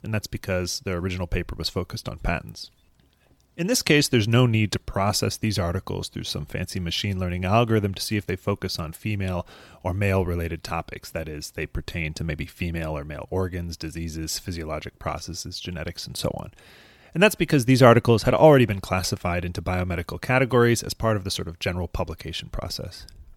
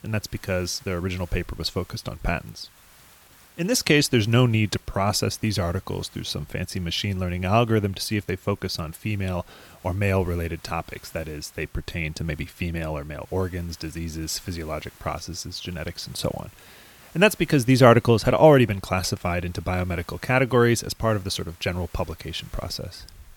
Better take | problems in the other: first | hiss; faint; throughout; 25 dB below the speech

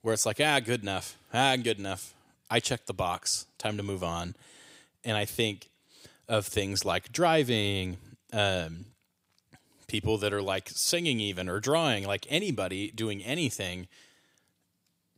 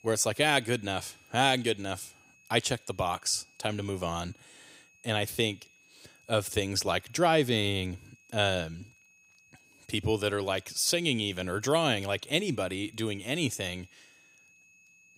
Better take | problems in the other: first | high-pitched whine; faint; throughout; 2.5 kHz, 30 dB below the speech

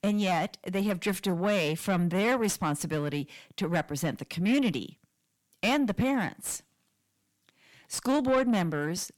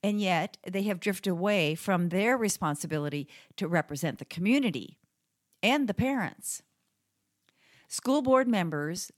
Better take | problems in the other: second | distortion; slight; 9 dB below the speech

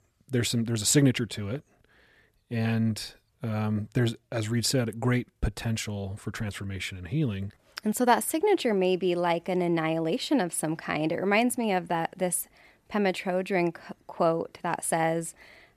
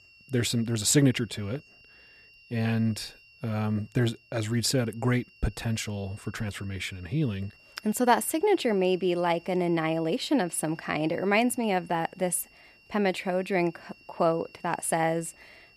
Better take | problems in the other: first | high-pitched whine; faint; throughout; 3 kHz, 25 dB below the speech

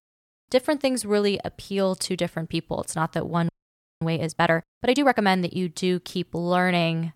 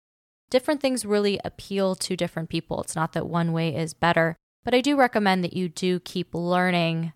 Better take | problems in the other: second | audio freezing; at 3.5 s for 0.5 s

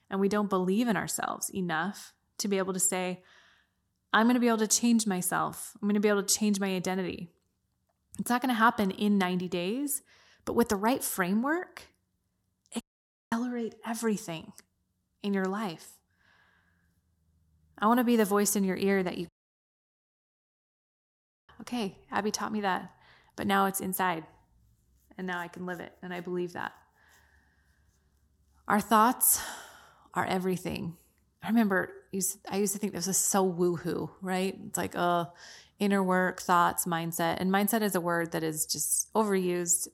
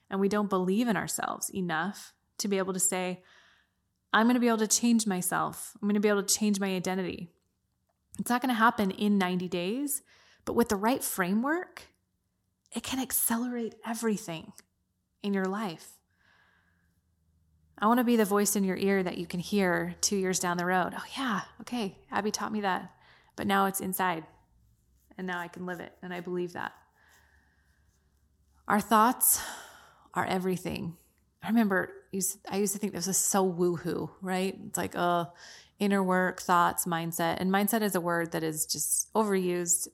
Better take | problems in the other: second | audio cutting out; at 13 s for 0.5 s and at 19 s for 2 s

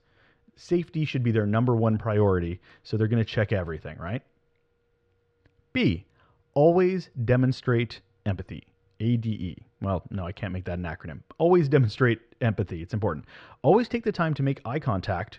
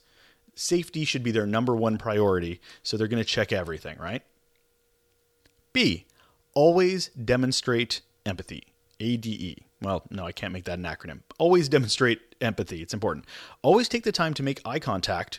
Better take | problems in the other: second | muffled; slightly; fading above 2 kHz

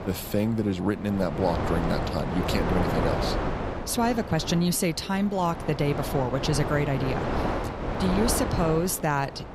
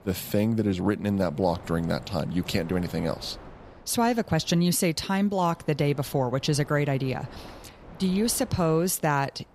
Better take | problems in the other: second | wind noise on the microphone; heavy; 3 dB below the speech; occasional gusts in the second

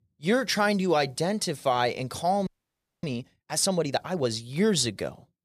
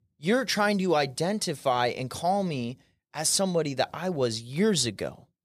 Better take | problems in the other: second | audio freezing; at 2.5 s for 0.5 s

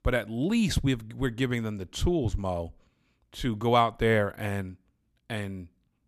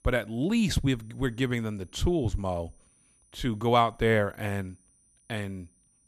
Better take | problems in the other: first | high-pitched whine; faint; throughout; 9.5 kHz, 35 dB below the speech

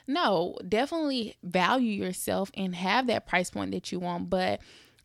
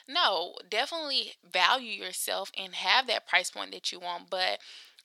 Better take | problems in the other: first | thin; very; fading below 800 Hz

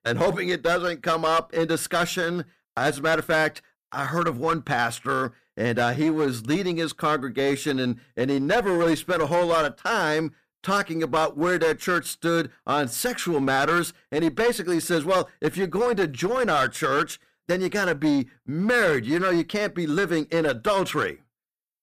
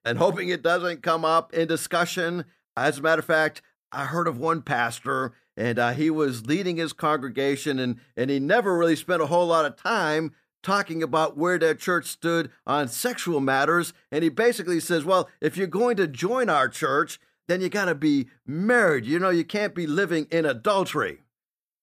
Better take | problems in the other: second | distortion; slight; 10% of the sound clipped

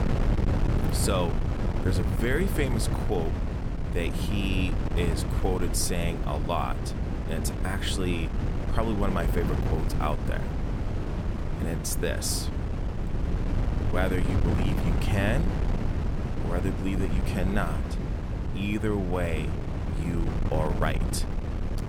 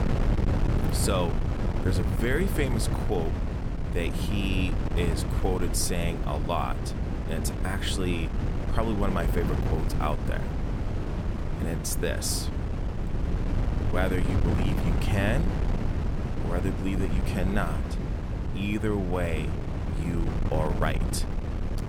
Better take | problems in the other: neither | wind noise on the microphone; heavy; 5 dB below the speech; the same in both

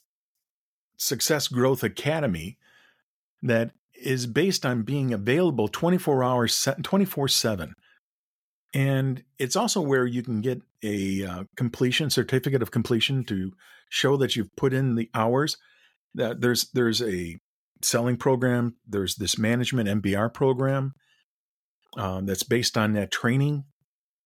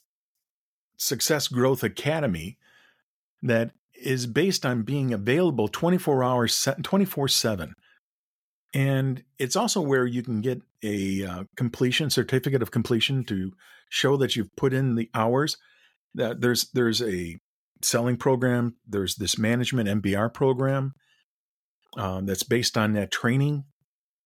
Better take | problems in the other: neither | none

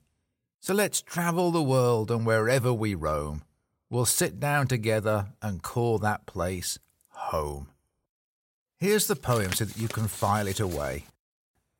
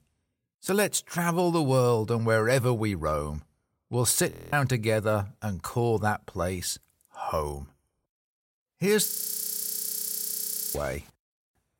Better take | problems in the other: first | audio freezing; at 4.5 s and at 9 s for 1.5 s

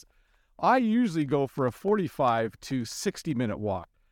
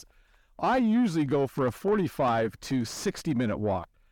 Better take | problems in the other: first | distortion; slight; 10 dB below the speech

